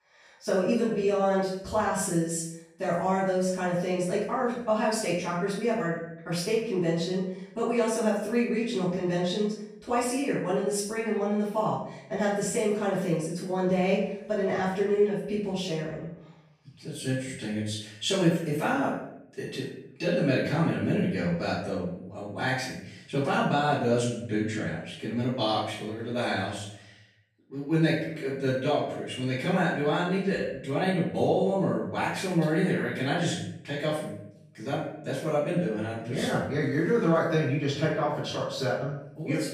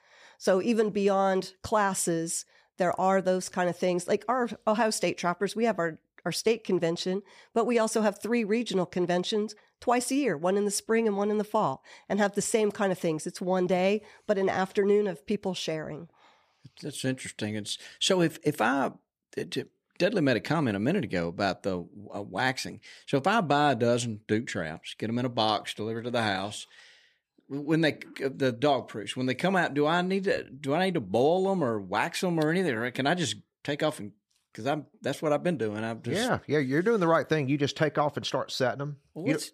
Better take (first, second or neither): second